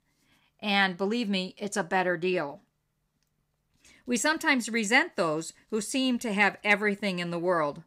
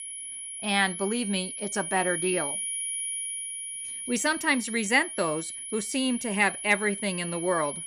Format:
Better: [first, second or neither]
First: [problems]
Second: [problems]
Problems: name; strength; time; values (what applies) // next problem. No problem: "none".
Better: first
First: none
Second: high-pitched whine; loud; throughout; 10.5 kHz, 5 dB below the speech